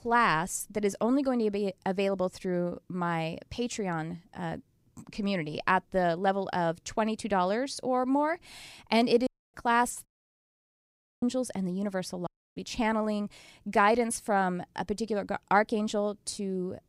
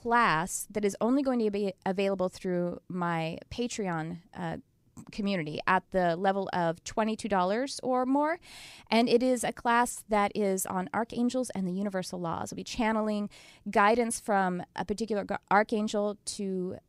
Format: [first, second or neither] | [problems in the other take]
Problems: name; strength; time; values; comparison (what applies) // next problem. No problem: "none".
second | audio cutting out; at 9.5 s, at 10 s for 1 s and at 12 s